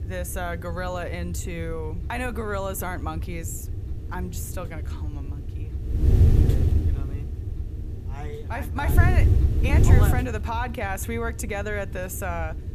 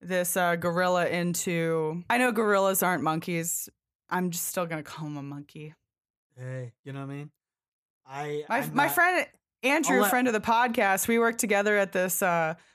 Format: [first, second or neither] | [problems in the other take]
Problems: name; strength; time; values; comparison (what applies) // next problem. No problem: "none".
second | wind noise on the microphone; heavy; 8 dB below the speech